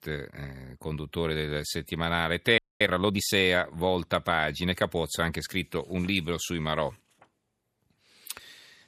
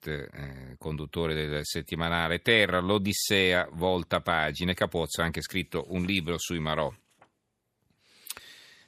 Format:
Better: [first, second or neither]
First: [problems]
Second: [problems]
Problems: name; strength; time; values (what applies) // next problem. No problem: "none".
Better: second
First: audio freezing; at 2.5 s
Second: none